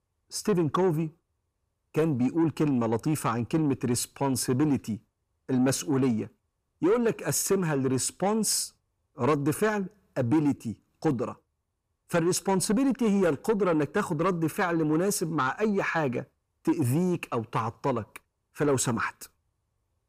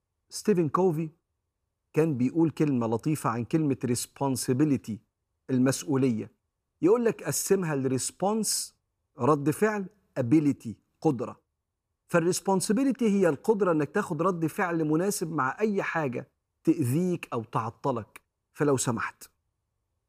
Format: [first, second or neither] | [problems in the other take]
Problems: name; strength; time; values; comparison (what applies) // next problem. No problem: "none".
second | distortion; slight; 10 dB below the speech